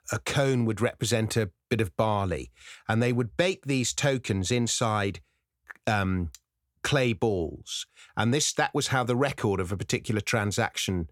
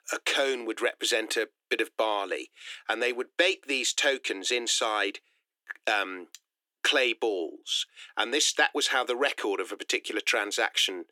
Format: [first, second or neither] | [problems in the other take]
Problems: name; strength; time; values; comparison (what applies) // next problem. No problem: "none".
first | thin; very; fading below 300 Hz